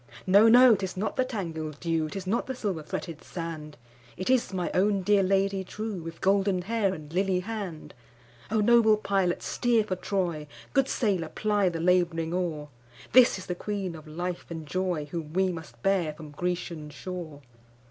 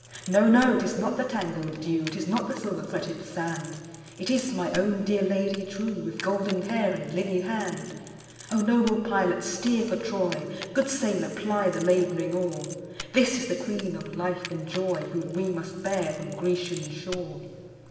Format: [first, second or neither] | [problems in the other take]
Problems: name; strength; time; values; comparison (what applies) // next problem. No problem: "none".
first | background sound (Keys jangling); 18 dB below the speech // room echo; dies away in 1.7 s